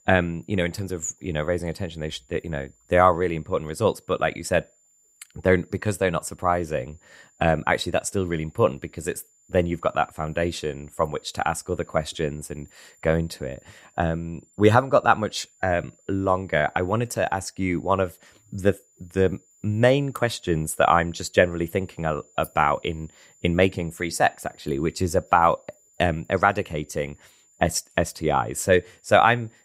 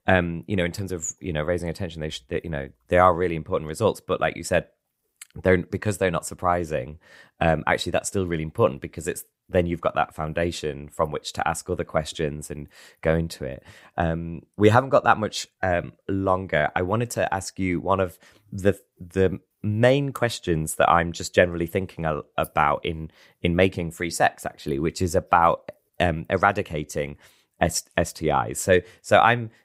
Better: second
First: high-pitched whine; faint; throughout; 7 kHz, 30 dB below the speech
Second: none

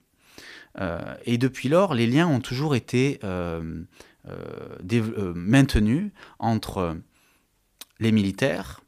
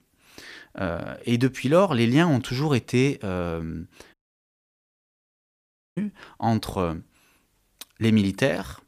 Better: first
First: none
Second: audio cutting out; at 4 s for 2 s

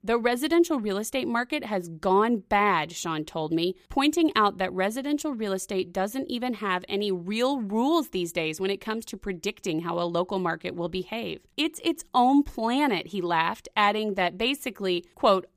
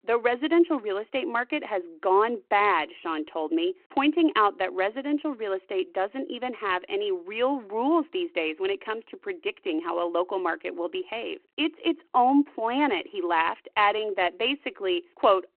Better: first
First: none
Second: phone-call audio

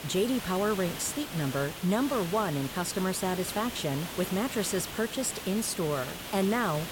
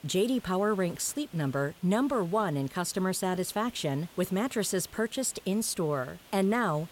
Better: second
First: hiss; loud; throughout; 8 dB below the speech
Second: hiss; faint; throughout; 25 dB below the speech

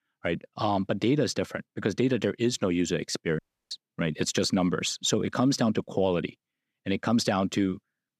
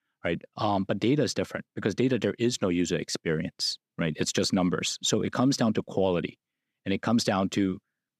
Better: second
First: audio cutting out; at 3.5 s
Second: none

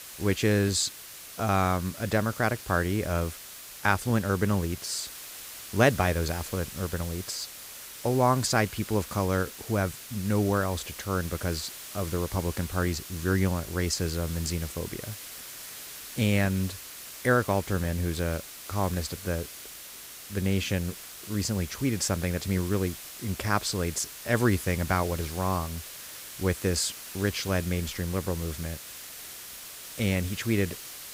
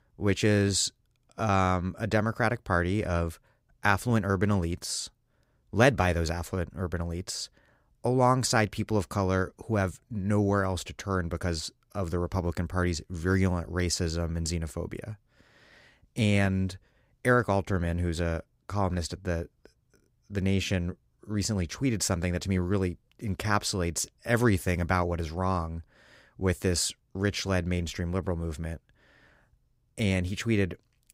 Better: second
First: hiss; noticeable; throughout; 10 dB below the speech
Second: none

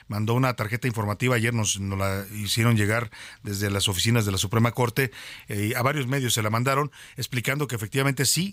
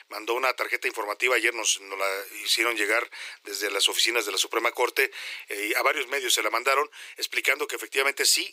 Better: first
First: none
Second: thin; very; fading below 350 Hz

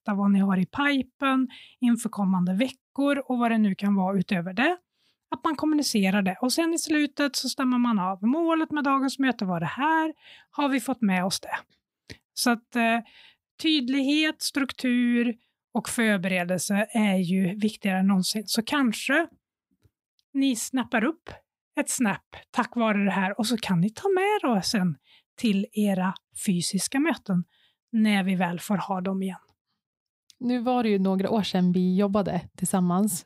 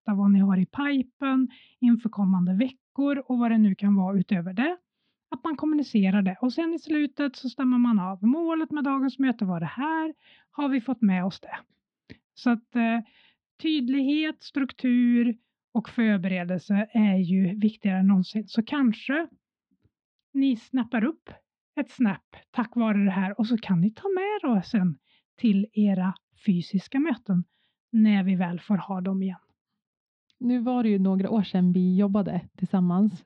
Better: first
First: none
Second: muffled; slightly; fading above 4 kHz

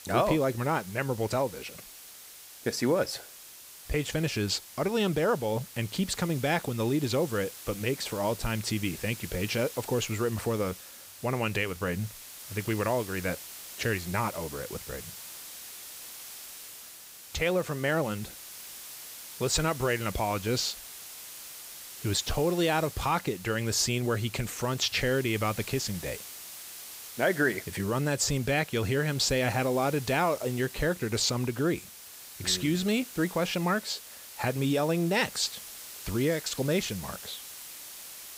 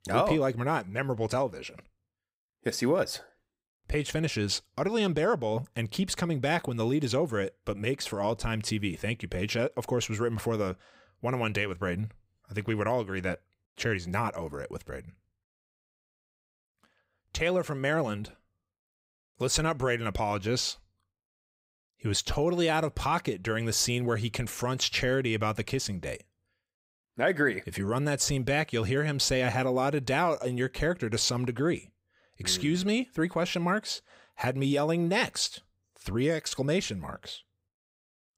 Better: second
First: hiss; noticeable; throughout; 15 dB below the speech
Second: none

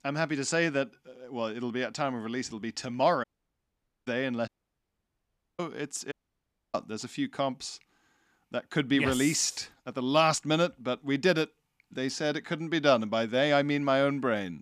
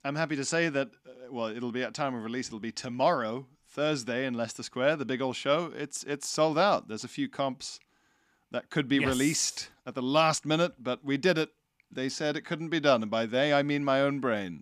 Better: second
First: audio cutting out; at 3 s for 1 s, at 4.5 s for 1 s and at 6 s for 0.5 s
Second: none

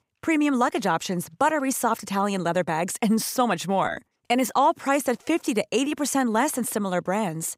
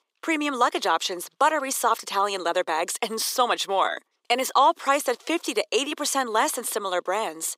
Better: first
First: none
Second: thin; somewhat; fading below 350 Hz

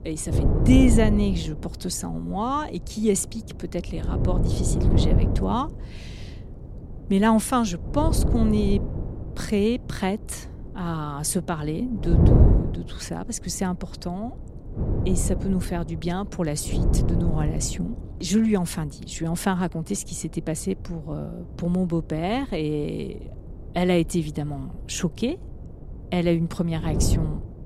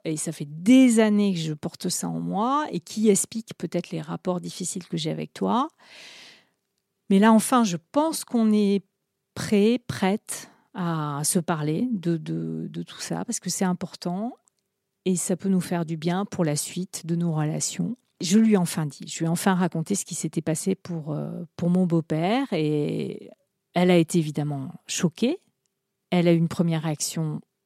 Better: second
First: wind noise on the microphone; heavy; 5 dB below the speech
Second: none

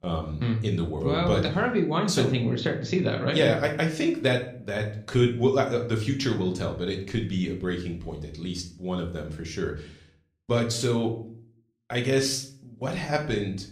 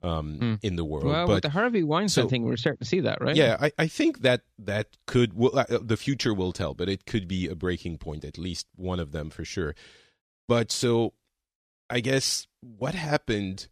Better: second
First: room echo; slight; dies away in 0.4 s // off-mic speech; somewhat distant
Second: none

